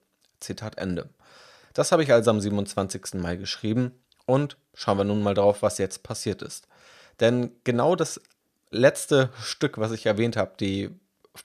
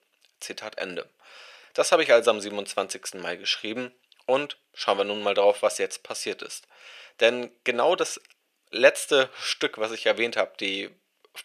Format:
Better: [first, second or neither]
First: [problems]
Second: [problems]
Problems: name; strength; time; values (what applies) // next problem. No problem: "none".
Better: first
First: none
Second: thin; somewhat; fading below 500 Hz